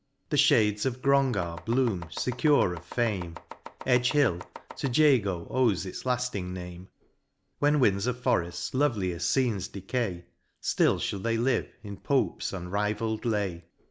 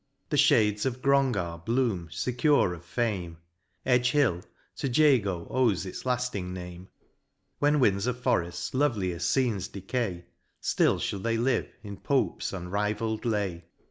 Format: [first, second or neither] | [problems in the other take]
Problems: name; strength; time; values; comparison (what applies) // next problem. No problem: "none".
second | background sound (Domestic sounds, home sounds); 15 dB below the speech